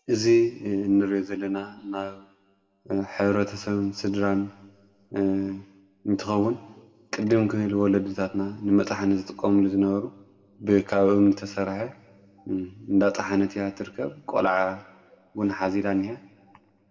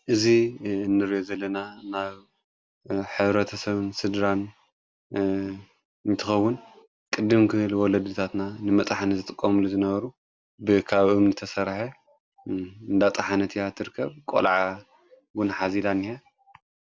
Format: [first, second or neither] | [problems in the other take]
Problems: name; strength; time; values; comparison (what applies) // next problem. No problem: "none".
second | room echo; dies away in 1.3 s